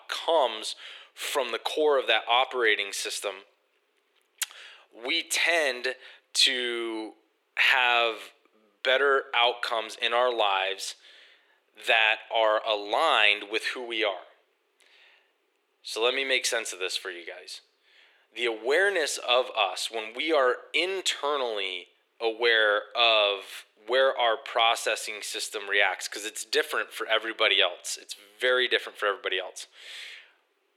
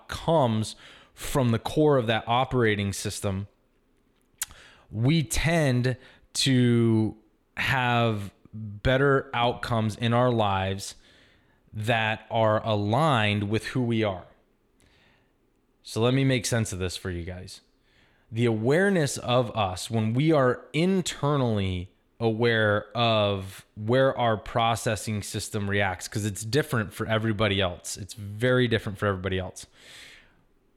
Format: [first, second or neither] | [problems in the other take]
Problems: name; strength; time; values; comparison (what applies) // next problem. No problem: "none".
second | thin; very; fading below 400 Hz